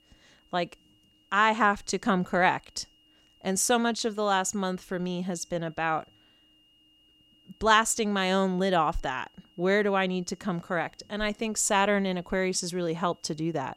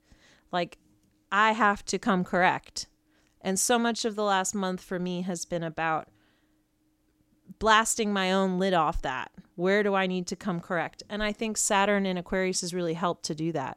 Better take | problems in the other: second | high-pitched whine; faint; throughout; 3 kHz, 35 dB below the speech

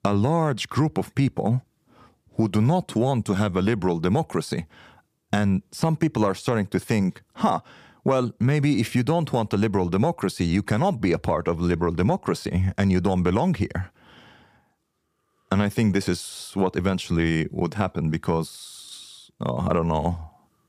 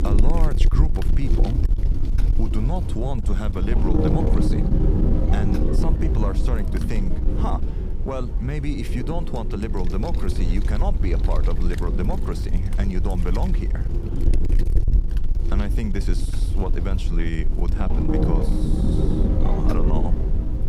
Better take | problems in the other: first | wind noise on the microphone; heavy; 1 dB below the speech

